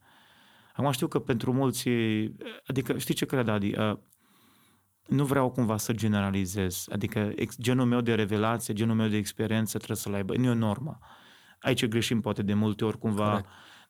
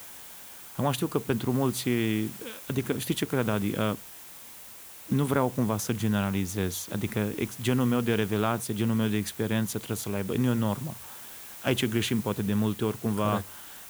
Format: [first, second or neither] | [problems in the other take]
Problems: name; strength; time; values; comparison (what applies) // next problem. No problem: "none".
first | hiss; noticeable; throughout; 15 dB below the speech